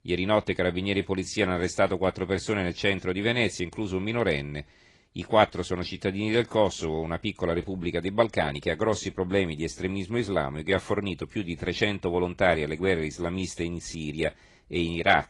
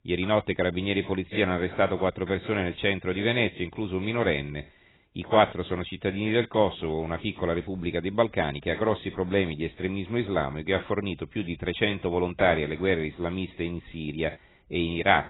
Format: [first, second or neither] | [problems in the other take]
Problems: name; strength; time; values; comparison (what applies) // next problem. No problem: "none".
first | garbled, watery; badly; nothing above 4 kHz; slightly in the first